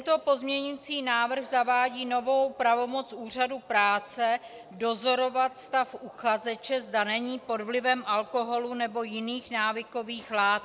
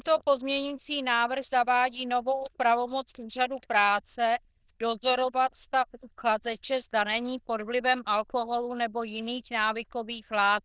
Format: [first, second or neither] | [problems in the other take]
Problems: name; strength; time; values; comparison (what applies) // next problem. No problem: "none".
first | noise reduction (neural diffusion model UNIVERSE++)